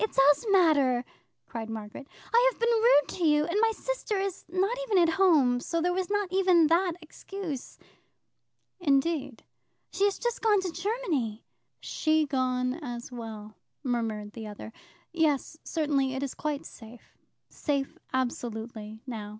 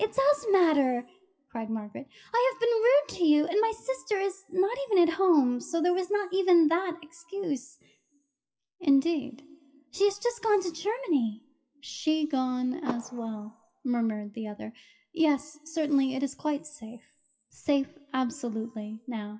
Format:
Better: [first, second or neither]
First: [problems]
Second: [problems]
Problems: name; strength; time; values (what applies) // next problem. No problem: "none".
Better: first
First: none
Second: noise reduction (classical method WPE with log-MMSE)